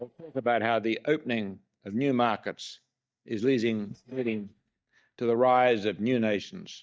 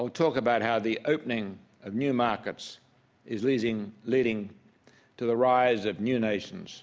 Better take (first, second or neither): second